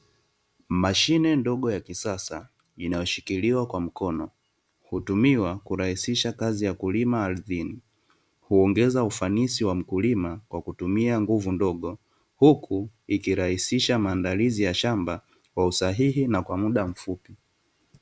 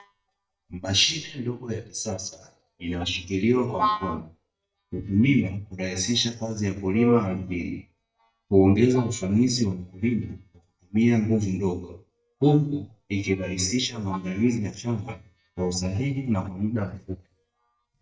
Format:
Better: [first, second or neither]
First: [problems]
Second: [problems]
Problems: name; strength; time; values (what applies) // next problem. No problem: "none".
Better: first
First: none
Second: noise reduction (neural mask model DeepFilterNet 3)